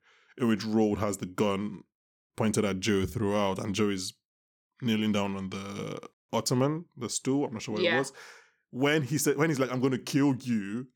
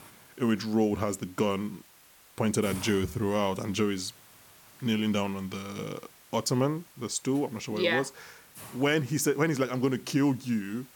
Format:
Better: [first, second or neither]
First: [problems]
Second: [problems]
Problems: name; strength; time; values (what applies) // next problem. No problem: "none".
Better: first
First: none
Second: hiss; faint; throughout; 20 dB below the speech